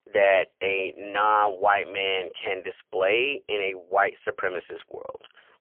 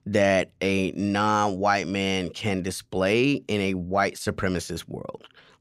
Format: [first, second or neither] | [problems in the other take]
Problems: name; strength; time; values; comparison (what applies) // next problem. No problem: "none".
second | phone-call audio; poor line; nothing above 3 kHz